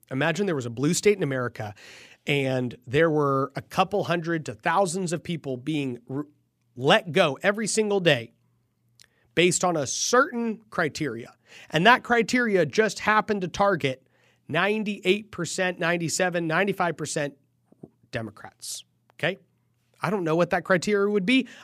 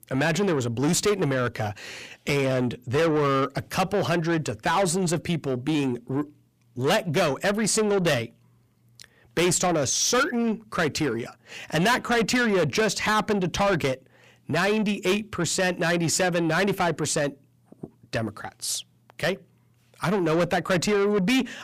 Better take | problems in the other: first | distortion; heavy; 6 dB below the speech

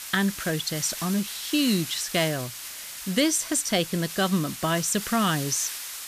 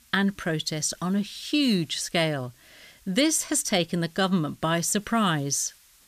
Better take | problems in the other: second | hiss; loud; throughout; 8 dB below the speech; faint in the second

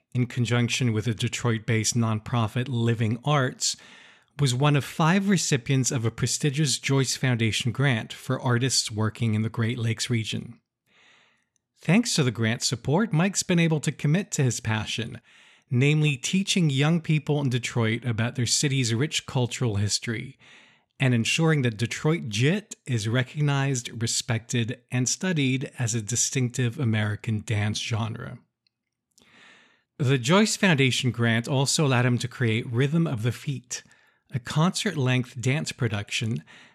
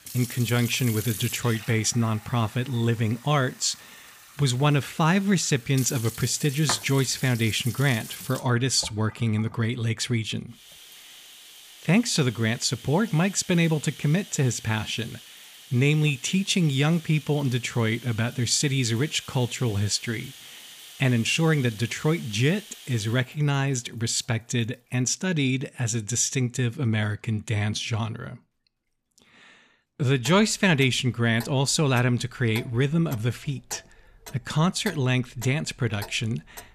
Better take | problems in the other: first | household noises; noticeable; throughout; 15 dB below the speech

